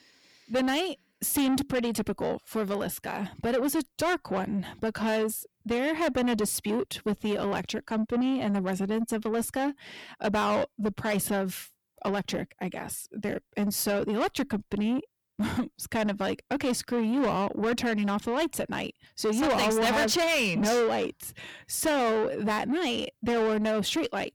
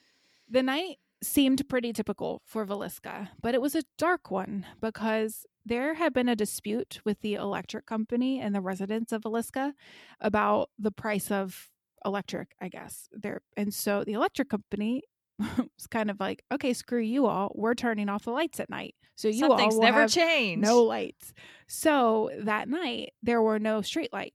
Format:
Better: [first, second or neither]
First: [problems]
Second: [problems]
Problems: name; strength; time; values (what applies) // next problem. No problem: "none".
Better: second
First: distortion; heavy; 7 dB below the speech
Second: none